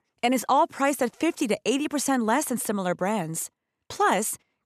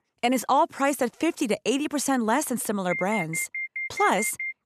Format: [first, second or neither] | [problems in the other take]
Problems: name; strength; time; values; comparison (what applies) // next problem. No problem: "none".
first | alarm; noticeable; from 3 s on; peak 5 dB below the speech